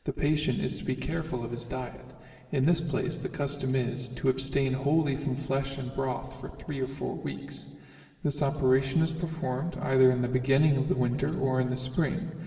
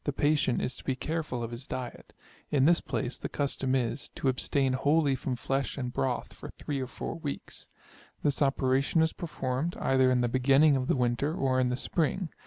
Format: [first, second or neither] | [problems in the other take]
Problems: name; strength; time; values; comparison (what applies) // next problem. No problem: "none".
second | room echo; dies away in 2.4 s